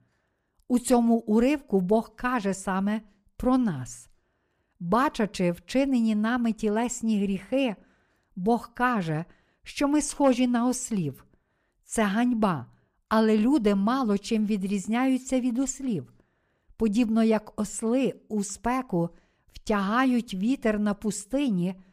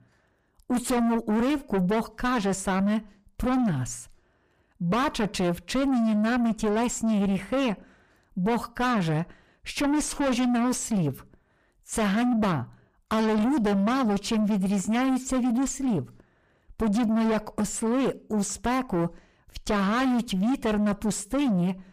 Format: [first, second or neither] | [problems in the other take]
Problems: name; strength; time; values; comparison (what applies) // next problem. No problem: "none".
first | distortion; heavy; 6 dB below the speech